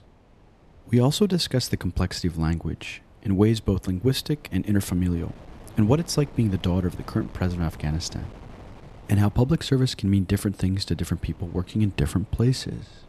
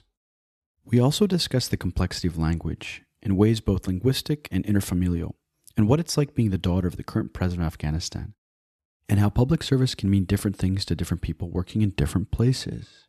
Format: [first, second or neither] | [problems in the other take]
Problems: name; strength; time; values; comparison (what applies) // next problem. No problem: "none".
second | wind noise on the microphone; occasional gusts; 20 dB below the speech